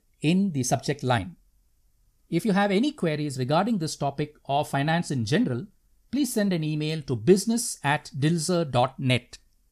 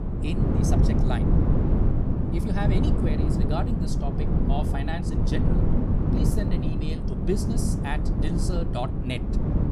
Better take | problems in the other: first | wind noise on the microphone; heavy; 1 dB above the speech

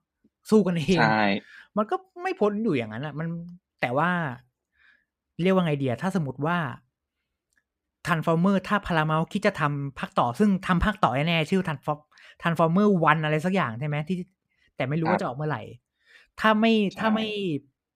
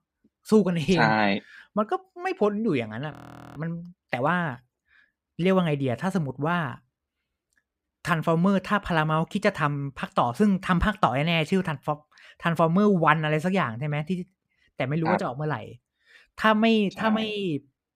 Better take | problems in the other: first | audio freezing; at 3 s

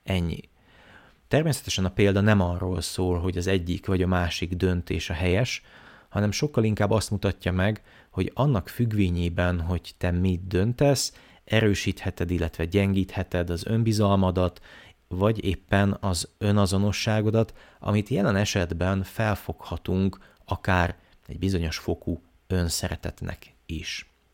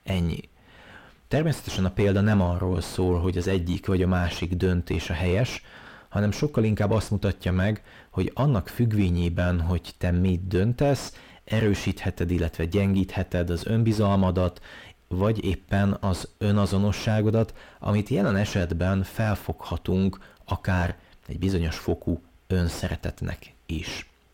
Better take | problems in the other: first | distortion; slight; 8 dB below the speech

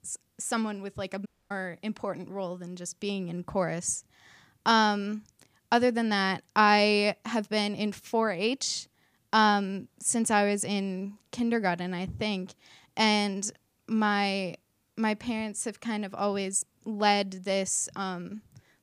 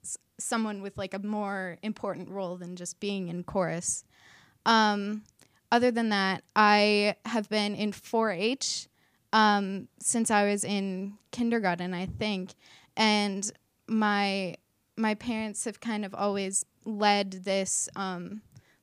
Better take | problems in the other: second | audio cutting out; at 1.5 s

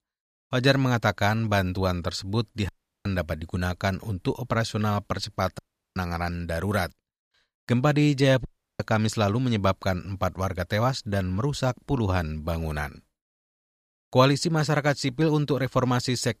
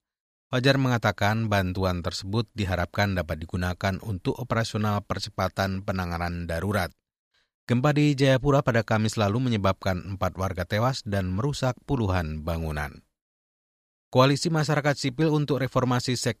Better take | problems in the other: second | audio cutting out; at 2.5 s, at 5.5 s and at 8.5 s

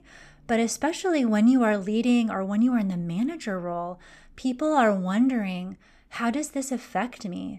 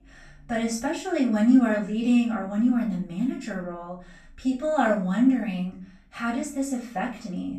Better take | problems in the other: first | off-mic speech; far // room echo; slight; dies away in 0.4 s

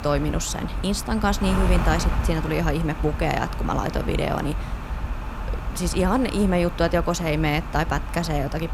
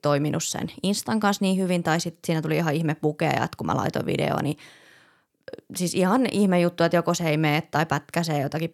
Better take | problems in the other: second | wind noise on the microphone; heavy; 9 dB below the speech

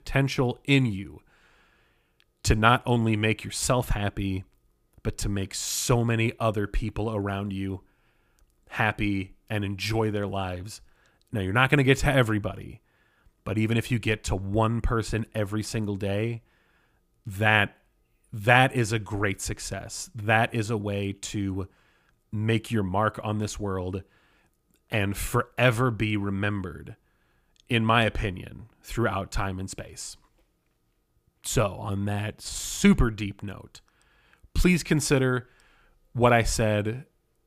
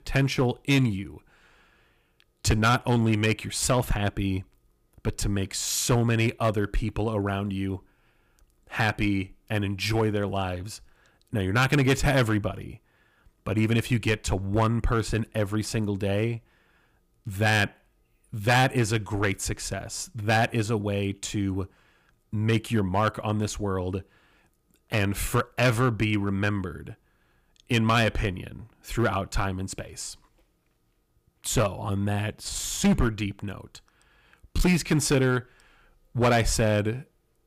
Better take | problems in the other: first | distortion; slight; 3% of the sound clipped

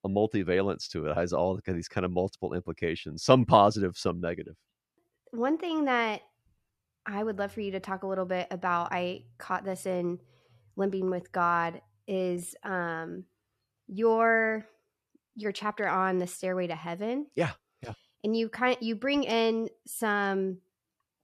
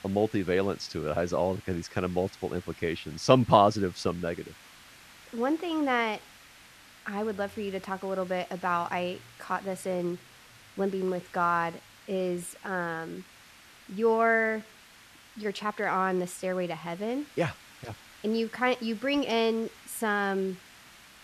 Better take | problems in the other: first | hiss; faint; throughout; 20 dB below the speech

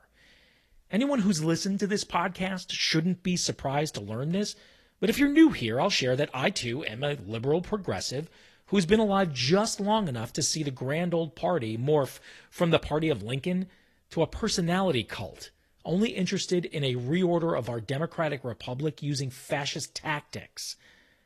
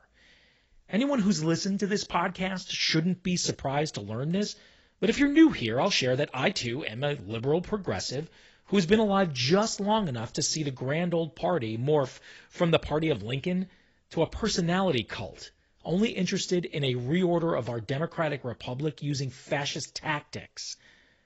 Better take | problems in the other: first | garbled, watery; badly; nothing above 7.5 kHz; slightly in the first

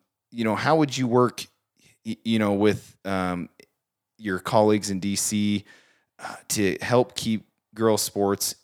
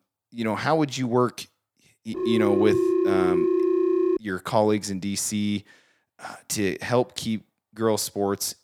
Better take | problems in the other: first | phone ringing; loud; from 2 to 4 s; peak 4 dB above the speech

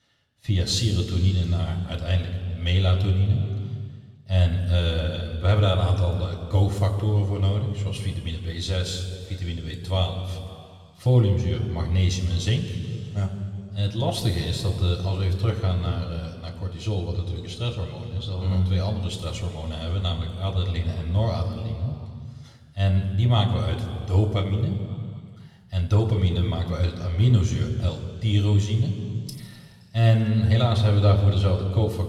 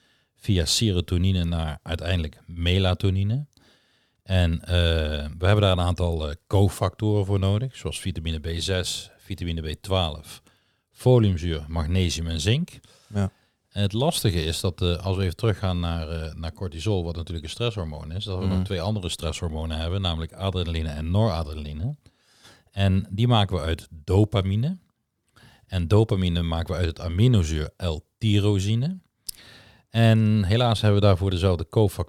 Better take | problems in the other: second | room echo; noticeable; dies away in 2.2 s // off-mic speech; somewhat distant

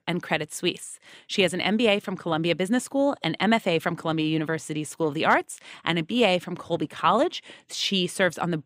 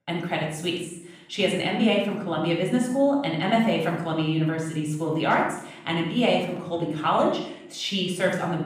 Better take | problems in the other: first | off-mic speech; far // room echo; noticeable; dies away in 0.7 s

